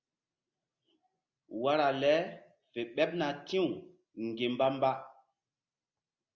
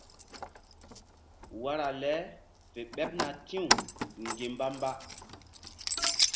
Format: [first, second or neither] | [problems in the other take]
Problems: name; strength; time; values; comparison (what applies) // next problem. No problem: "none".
first | background sound (Keys jangling); 2 dB above the speech